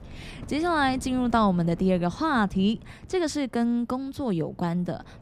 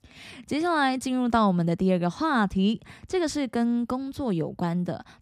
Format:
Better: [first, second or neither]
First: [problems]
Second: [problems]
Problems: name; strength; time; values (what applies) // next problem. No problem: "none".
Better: second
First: wind noise on the microphone; occasional gusts; 25 dB below the speech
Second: none